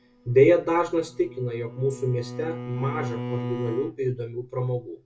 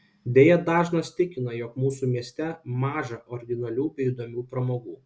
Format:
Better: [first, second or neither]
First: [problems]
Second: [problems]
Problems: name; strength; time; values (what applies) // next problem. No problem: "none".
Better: second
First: background sound (Bowed string instrument); 11 dB below the speech // room echo; dies away in 0.2 s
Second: none